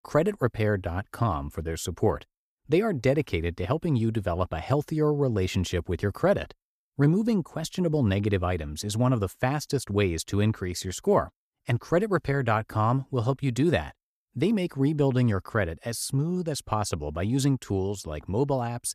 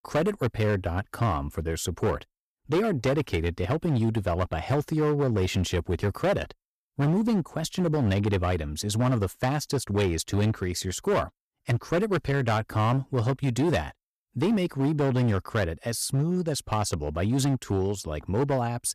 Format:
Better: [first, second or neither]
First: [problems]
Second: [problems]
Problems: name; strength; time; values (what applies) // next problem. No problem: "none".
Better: first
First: none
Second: distortion; slight; 11% of the sound clipped